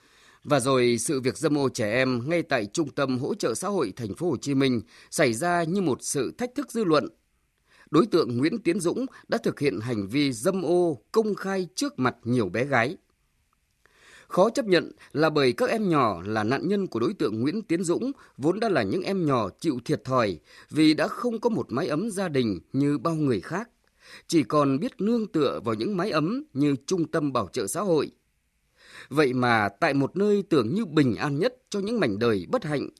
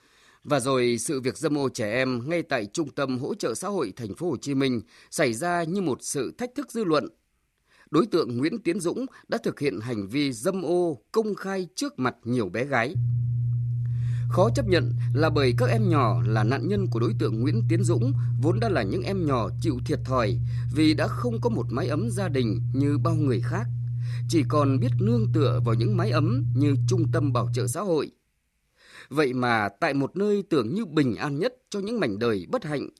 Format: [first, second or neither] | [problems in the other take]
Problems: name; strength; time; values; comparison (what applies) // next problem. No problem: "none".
first | low rumble; noticeable; from 13 to 28 s; 10 dB below the speech